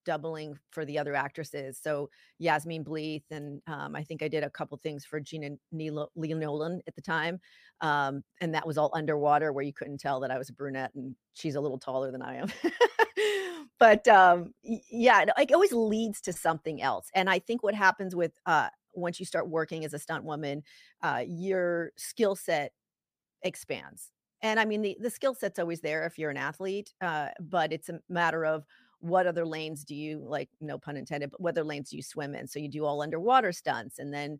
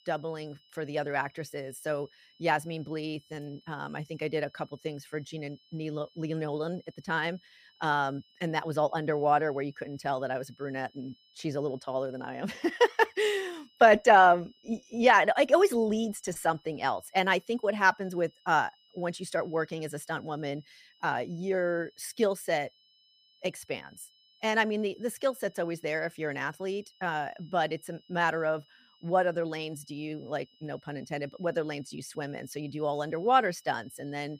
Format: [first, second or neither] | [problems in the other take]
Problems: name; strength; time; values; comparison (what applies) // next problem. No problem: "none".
first | high-pitched whine; faint; throughout; 3 kHz, 30 dB below the speech